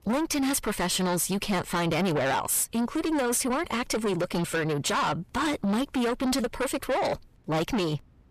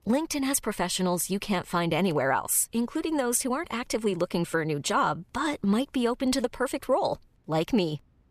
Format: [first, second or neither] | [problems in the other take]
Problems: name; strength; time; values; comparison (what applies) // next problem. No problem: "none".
second | distortion; heavy; 7 dB below the speech